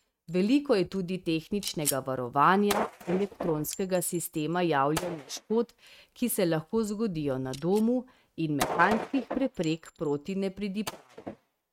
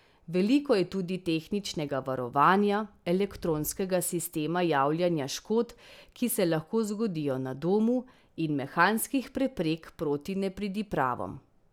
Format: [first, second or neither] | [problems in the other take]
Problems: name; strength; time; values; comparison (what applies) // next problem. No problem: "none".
second | noise reduction (neural mask model RNNoise)